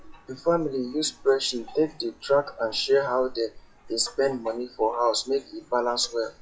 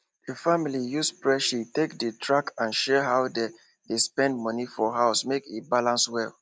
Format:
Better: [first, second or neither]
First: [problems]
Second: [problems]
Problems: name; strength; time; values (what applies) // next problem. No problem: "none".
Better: second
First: noise reduction (classical method WPE with log-MMSE)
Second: none